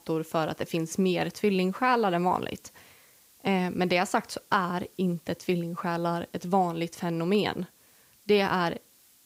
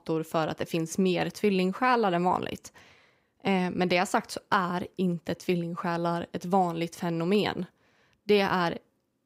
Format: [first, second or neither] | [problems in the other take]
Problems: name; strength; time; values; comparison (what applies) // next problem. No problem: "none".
second | hiss; faint; throughout; 30 dB below the speech